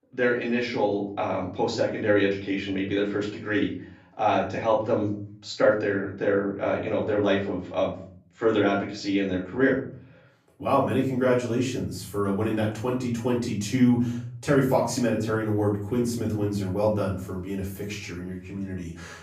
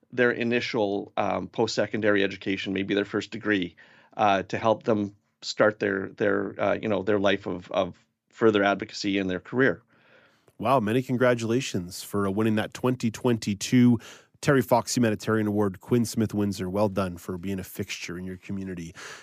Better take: second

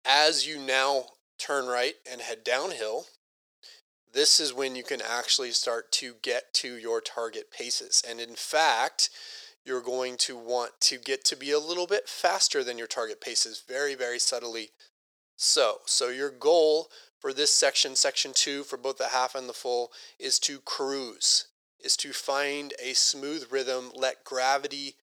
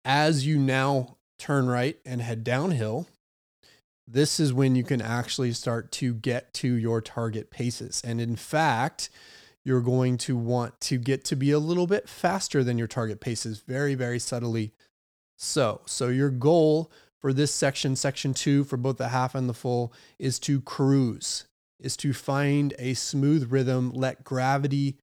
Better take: second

